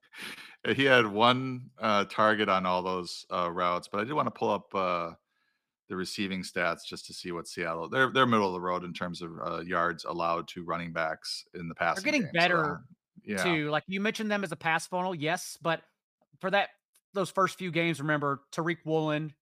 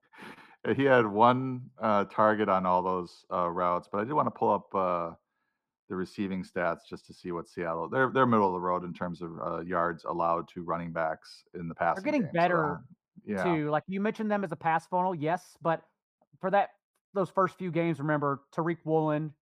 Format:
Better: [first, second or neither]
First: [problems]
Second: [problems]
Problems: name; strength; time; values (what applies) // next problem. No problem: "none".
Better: first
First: none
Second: muffled; very; fading above 2 kHz